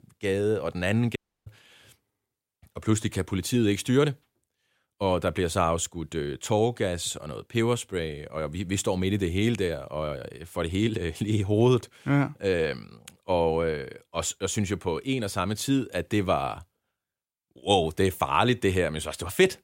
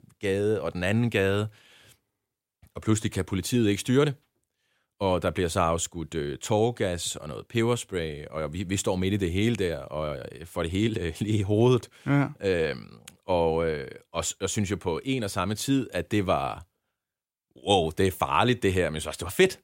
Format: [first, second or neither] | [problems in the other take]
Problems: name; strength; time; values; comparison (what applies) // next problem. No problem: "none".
second | audio cutting out; at 1 s